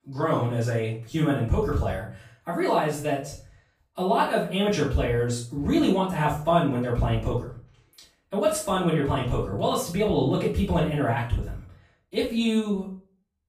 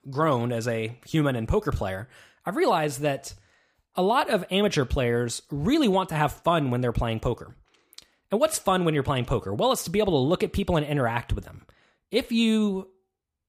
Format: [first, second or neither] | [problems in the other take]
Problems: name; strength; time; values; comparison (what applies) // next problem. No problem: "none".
second | off-mic speech; far // room echo; noticeable; dies away in 0.4 s